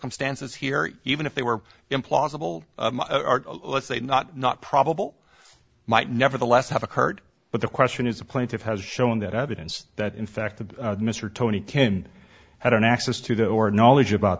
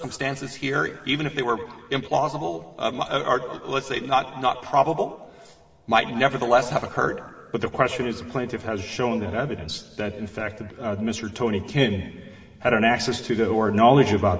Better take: first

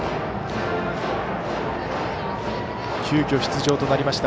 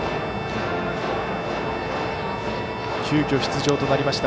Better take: first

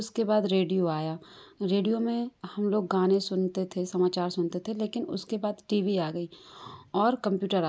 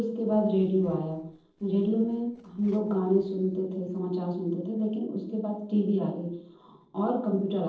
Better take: first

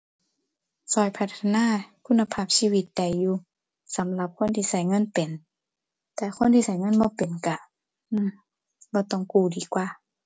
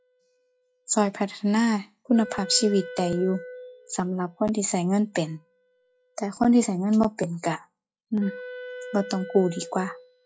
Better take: first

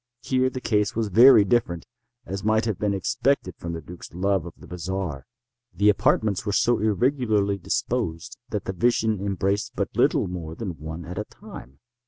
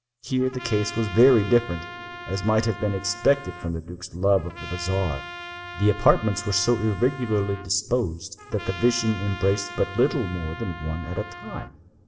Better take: first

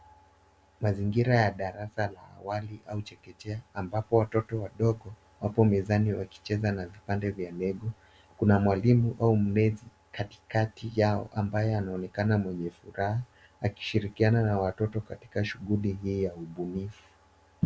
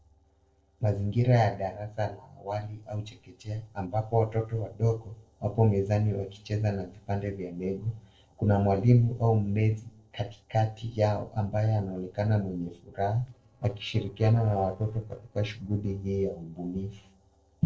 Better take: first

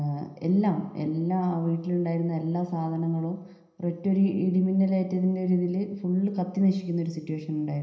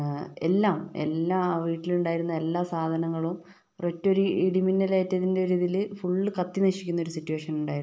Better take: second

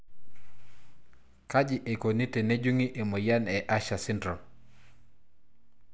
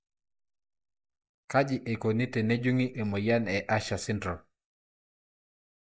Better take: first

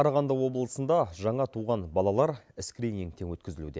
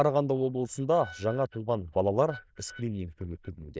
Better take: first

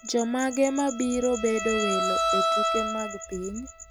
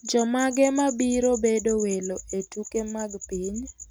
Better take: second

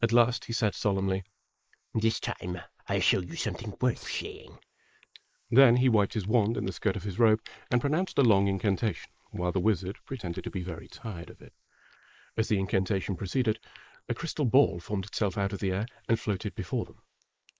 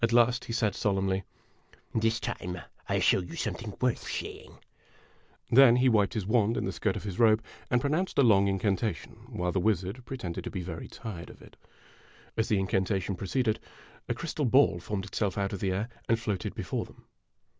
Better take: second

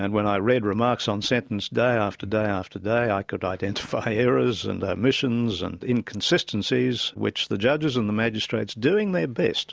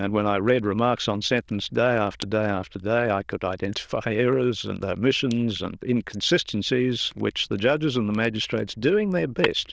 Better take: first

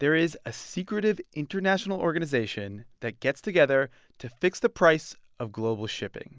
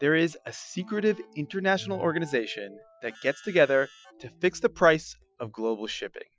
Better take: first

